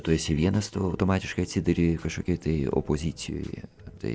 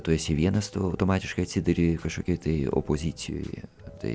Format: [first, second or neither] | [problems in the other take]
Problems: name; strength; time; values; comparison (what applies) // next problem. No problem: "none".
second | noise reduction (neural mask model Resemble Enhance denoiser)